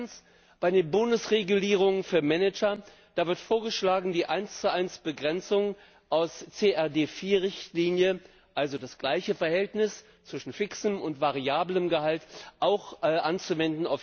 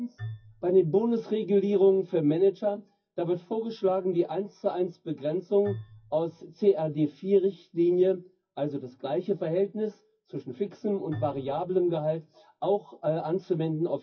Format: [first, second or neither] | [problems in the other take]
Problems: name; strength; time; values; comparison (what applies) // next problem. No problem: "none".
first | noise reduction (classical method WPE with log-MMSE)